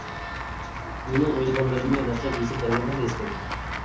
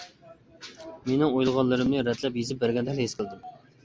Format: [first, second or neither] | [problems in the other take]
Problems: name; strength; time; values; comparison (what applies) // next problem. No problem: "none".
second | background sound (Walk, footsteps / Run / Bell); 5 dB below the speech // room echo; dies away in 0.6 s